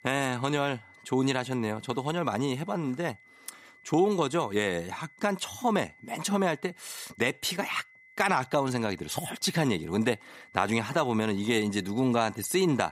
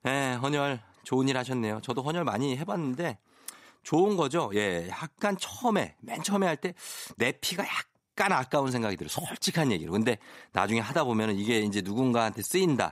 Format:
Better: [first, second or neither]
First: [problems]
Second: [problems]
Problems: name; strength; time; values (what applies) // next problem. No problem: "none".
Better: second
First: high-pitched whine; faint; throughout; 2 kHz, 25 dB below the speech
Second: none